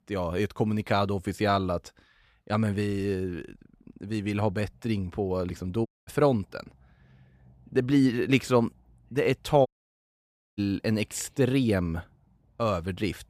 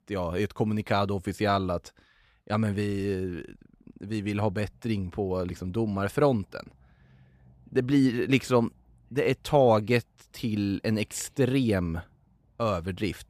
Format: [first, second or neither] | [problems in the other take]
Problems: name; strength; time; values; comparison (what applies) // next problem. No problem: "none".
second | audio cutting out; at 6 s and at 9.5 s for 1 s